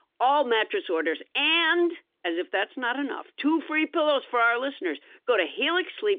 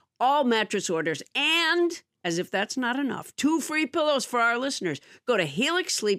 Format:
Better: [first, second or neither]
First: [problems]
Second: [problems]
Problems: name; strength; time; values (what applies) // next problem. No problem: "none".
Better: second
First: phone-call audio; nothing above 3.5 kHz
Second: none